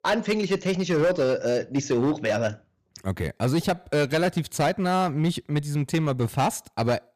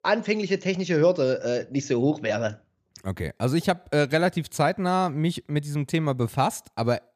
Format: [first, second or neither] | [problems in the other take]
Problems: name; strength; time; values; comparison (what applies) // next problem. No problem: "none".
second | distortion; slight; 9% of the sound clipped